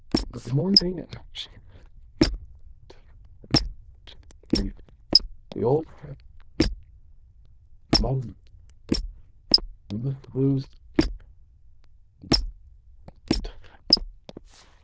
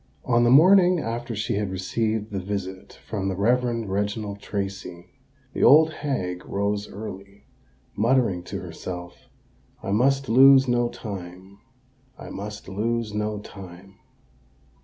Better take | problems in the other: second | noise reduction (neural diffusion model UNIVERSE++)

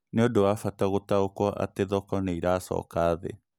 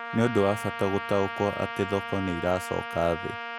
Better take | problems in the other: first | background sound (Trumpet); 8 dB below the speech

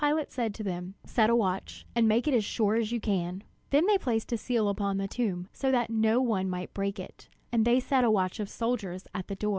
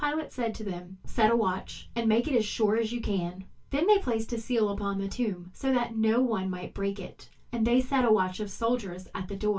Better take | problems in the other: first | room echo; dies away in 0.2 s

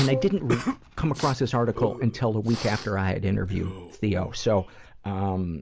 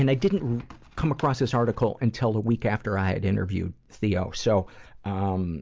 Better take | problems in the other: second | background sound (Brass instrument + Respiratory sounds); 10 dB below the speech

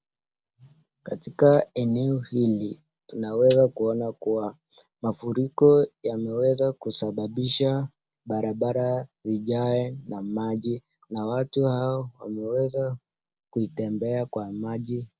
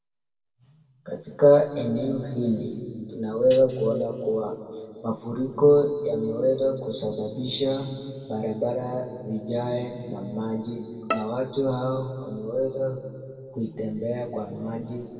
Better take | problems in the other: first | background sound (Bowed string instrument); 10 dB below the speech // room echo; dies away in 2.1 s

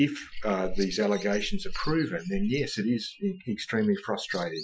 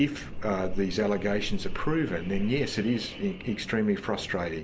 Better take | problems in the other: second | noise reduction (classical method Wiener filter)

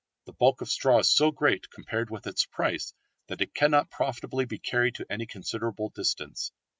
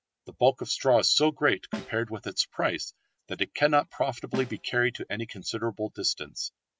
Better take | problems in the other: first | background sound (Snare drum); 15 dB below the speech

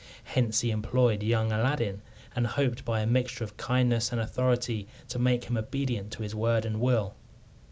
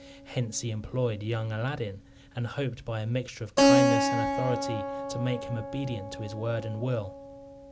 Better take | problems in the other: first | background sound (Keyboard (musical)); 2 dB above the speech

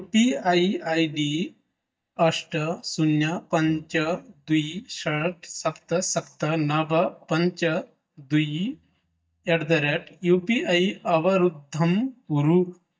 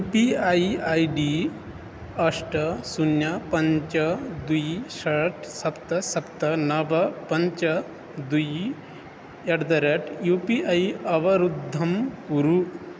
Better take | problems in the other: second | noise reduction (neural mask model DeepFilterNet 3)

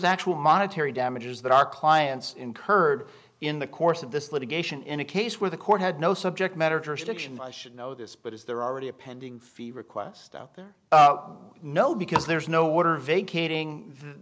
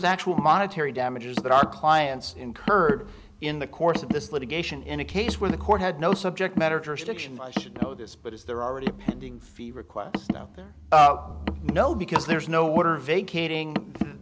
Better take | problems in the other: first | background sound (Car); 8 dB below the speech

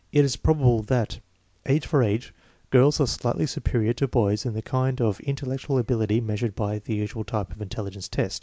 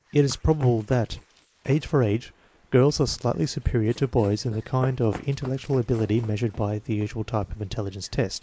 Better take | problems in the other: first | noise reduction (neural mask model Resemble Enhance denoiser)

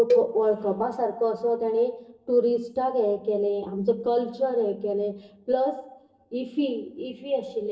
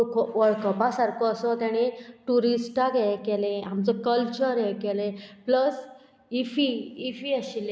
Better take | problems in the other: second | noise reduction (neural separator model SepFormer DNS4)

